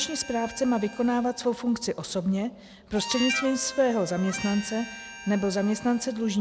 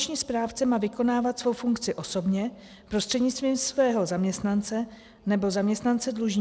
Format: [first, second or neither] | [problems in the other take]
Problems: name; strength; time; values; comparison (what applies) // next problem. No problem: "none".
second | background sound (Harmonica); 12 dB below the speech